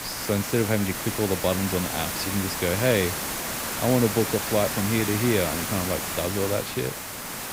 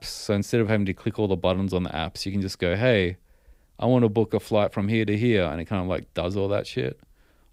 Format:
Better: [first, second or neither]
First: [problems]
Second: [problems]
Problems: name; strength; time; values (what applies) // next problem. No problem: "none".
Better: second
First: hiss; loud; throughout; 2 dB below the speech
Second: none